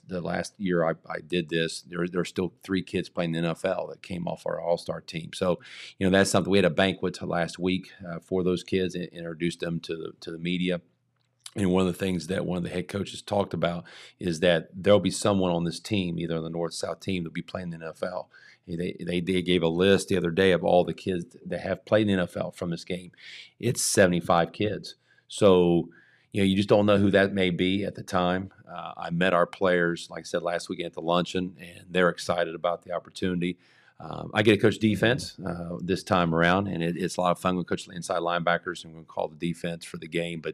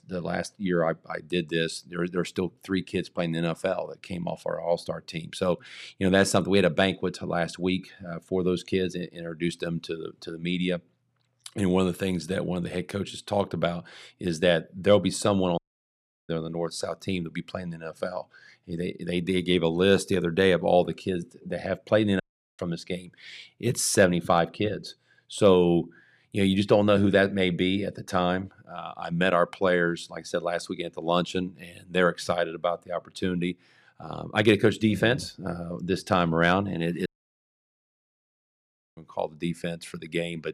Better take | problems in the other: first | audio cutting out; at 16 s for 0.5 s, at 22 s and at 37 s for 2 s

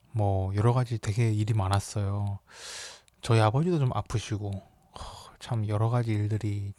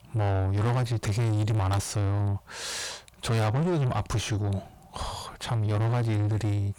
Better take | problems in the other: first | distortion; heavy; 6 dB below the speech

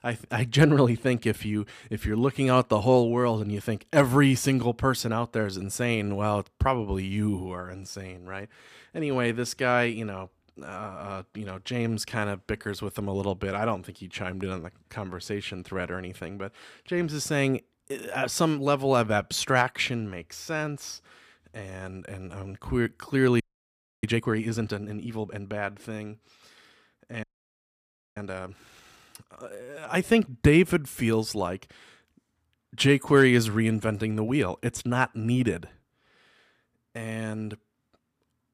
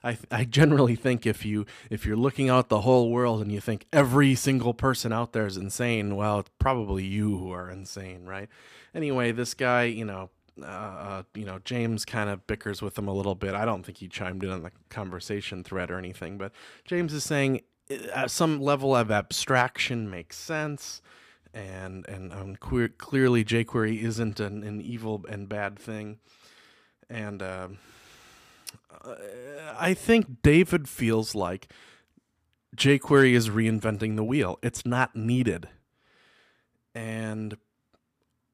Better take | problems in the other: second | audio freezing; at 23 s for 0.5 s and at 27 s for 1 s

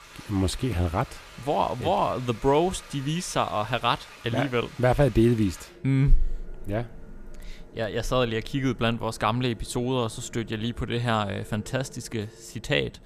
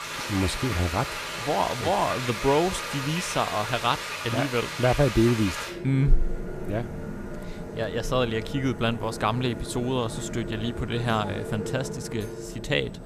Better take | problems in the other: first | household noises; loud; throughout; 6 dB below the speech; faint in the first

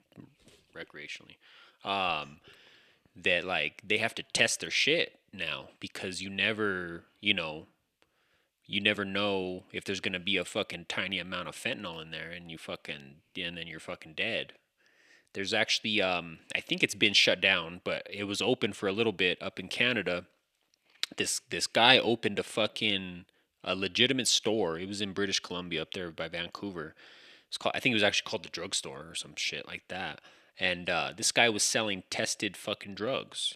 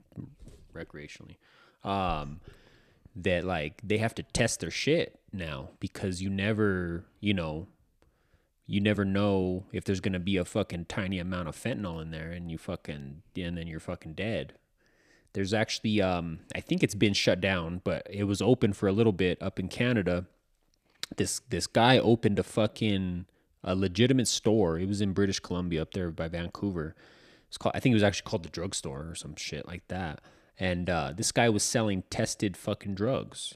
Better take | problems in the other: second | thin; somewhat; fading below 500 Hz

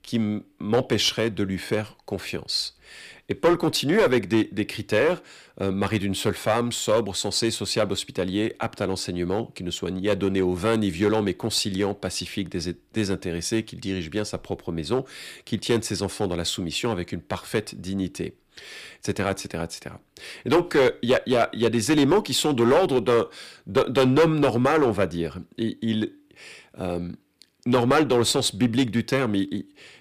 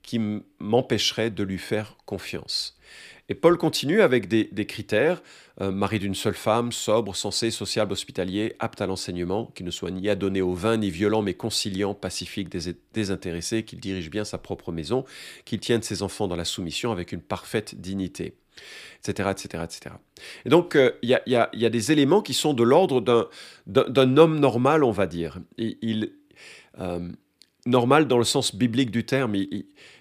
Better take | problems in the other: second | distortion; slight; 3% of the sound clipped

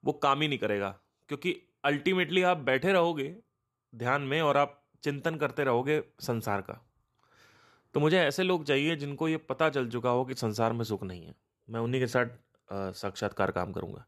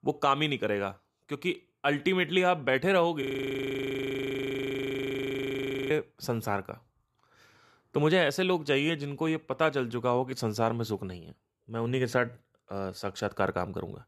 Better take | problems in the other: first | audio freezing; at 3 s for 2.5 s

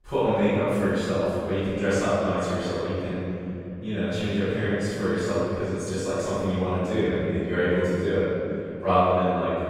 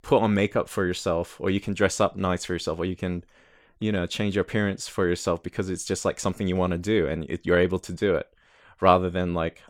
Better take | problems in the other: second | off-mic speech; far // room echo; strong; dies away in 2.9 s

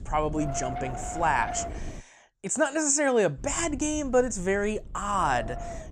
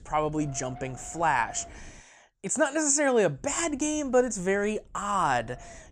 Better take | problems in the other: second | wind noise on the microphone; heavy; until 2 s and from 3.5 s on; 9 dB below the speech; occasional gusts in the second

